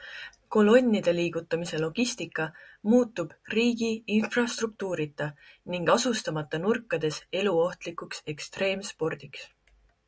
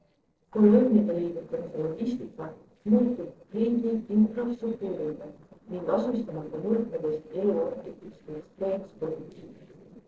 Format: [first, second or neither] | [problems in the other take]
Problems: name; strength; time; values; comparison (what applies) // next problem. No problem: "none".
first | noise reduction (neural separator model SepFormer DNS4)